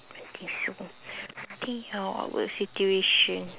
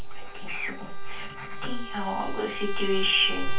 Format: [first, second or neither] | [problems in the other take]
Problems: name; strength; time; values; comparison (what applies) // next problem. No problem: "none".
first | background sound (Trumpet); 14 dB below the speech // room echo; dies away in 0.2 s